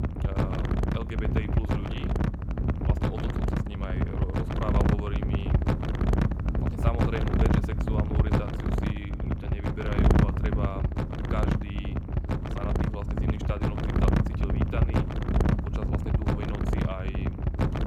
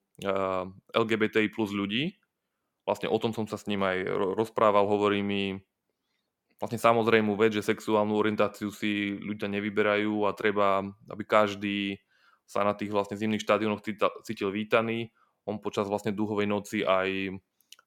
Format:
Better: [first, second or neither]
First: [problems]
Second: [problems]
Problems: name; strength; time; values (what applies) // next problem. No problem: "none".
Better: second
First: wind noise on the microphone; heavy; 5 dB above the speech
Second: none